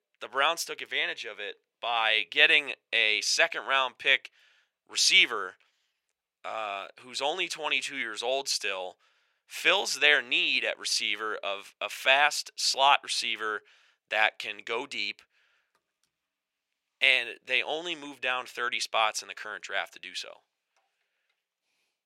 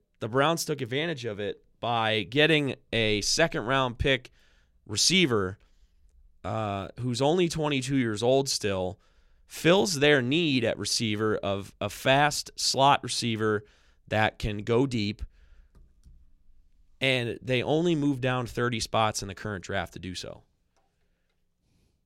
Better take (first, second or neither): second